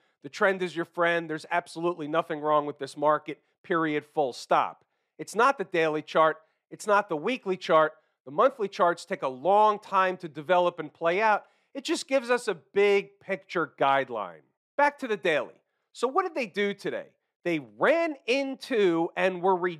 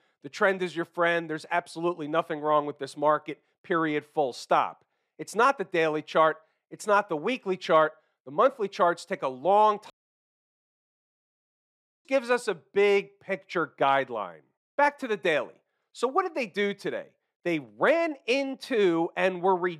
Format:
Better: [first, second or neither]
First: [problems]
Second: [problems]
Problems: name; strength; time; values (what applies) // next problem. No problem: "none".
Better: first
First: none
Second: audio cutting out; at 10 s for 2 s